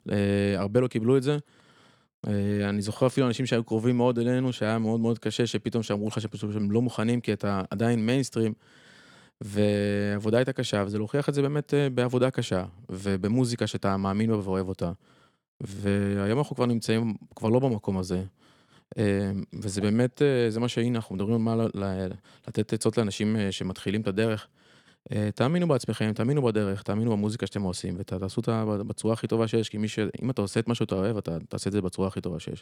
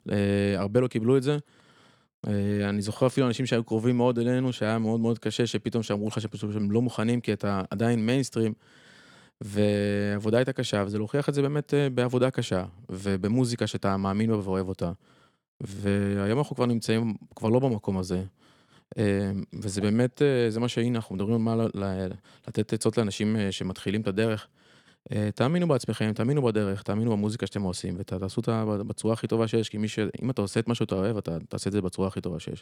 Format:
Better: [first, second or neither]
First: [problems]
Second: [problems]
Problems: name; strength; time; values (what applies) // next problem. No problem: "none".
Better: neither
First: none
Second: none